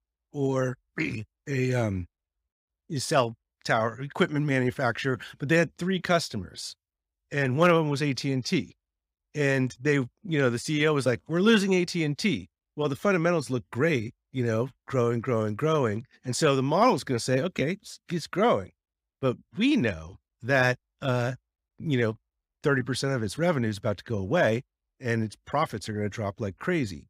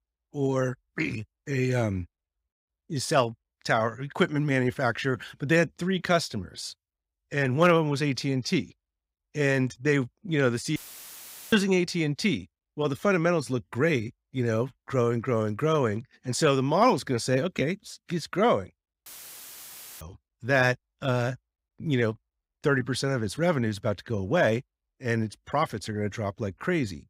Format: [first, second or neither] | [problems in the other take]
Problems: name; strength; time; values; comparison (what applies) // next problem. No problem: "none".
first | audio cutting out; filled with static; at 11 s for 1 s and at 19 s for 1 s